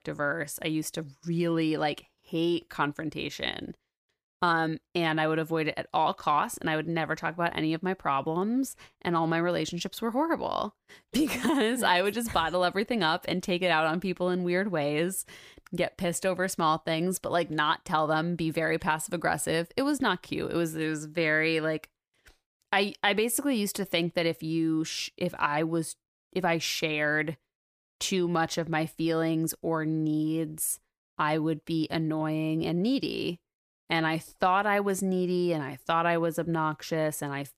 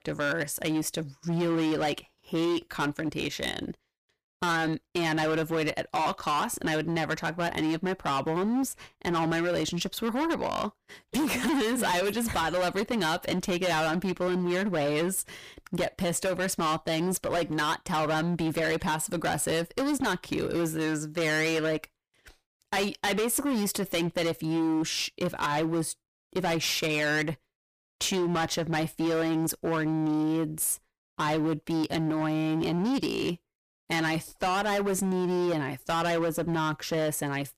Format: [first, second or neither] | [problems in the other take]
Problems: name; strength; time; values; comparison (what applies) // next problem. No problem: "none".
first | distortion; heavy; 21% of the sound clipped